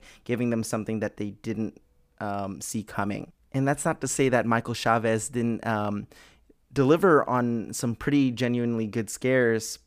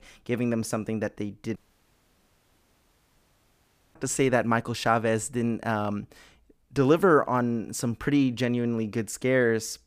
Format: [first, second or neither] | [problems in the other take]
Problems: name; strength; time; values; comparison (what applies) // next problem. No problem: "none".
first | audio cutting out; at 1.5 s for 2.5 s